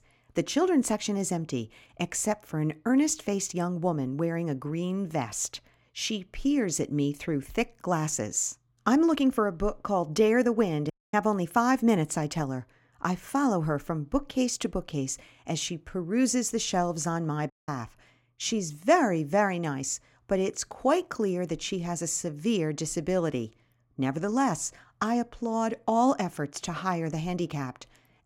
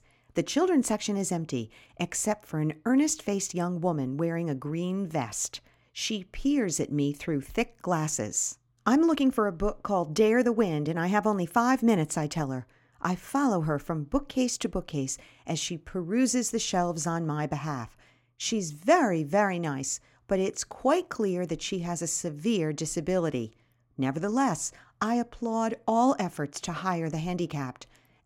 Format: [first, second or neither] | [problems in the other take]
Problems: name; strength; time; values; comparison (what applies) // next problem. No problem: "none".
second | audio cutting out; at 11 s and at 18 s